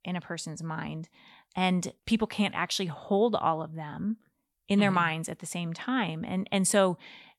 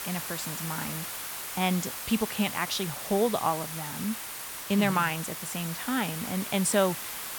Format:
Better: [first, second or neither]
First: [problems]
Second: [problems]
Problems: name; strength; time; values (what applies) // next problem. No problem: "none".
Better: first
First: none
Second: hiss; loud; throughout; 5 dB below the speech